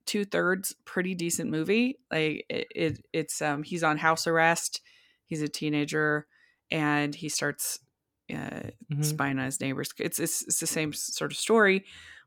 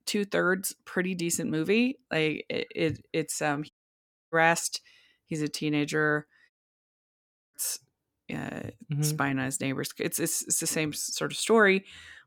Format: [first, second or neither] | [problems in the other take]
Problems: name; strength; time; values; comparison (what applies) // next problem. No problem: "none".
first | audio cutting out; at 3.5 s for 0.5 s and at 6.5 s for 1 s